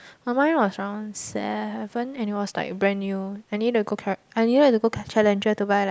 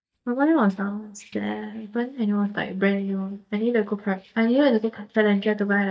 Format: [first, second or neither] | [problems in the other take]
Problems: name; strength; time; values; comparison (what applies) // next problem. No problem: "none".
first | noise reduction (neural mask model DeepFilterNet 3)